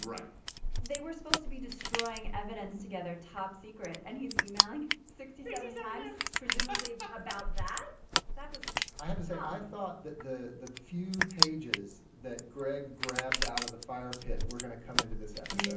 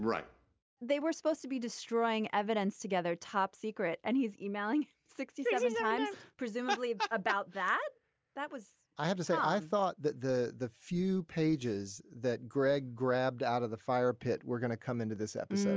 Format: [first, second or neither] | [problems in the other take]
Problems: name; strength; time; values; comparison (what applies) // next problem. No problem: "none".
second | background sound (Crushing); 5 dB above the speech // room echo; dies away in 0.6 s